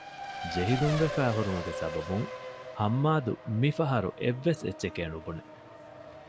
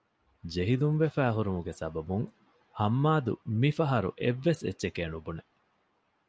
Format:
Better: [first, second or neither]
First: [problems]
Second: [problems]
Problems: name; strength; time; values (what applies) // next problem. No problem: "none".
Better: second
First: background sound (Race car, auto racing); 9 dB below the speech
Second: none